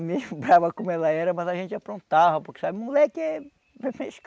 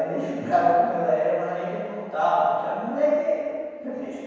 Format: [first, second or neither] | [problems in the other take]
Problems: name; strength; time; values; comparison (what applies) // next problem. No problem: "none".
first | room echo; dies away in 1.9 s